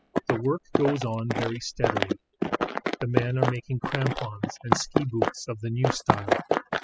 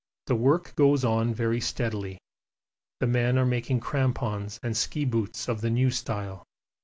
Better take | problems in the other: second | noise reduction (classical method spectral subtraction)

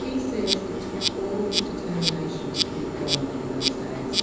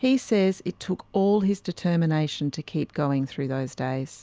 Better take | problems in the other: second | background sound (Insect); 3 dB above the speech // room echo; dies away in 1.1 s

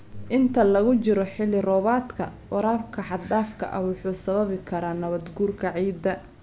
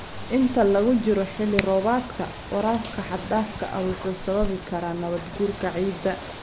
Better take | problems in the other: first | background sound (Ocean / Boat, Water vehicle + Hands); 11 dB below the speech

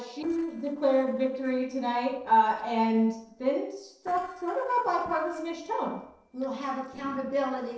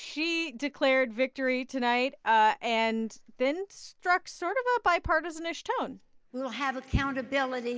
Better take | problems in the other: second | noise reduction (neural separator model SepFormer DNS4)

